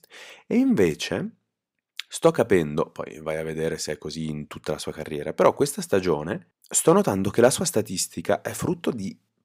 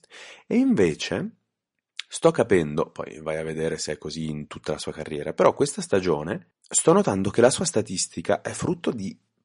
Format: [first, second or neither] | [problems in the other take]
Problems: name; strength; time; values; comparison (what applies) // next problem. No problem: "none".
first | garbled, watery; slightly; nothing above 10.5 kHz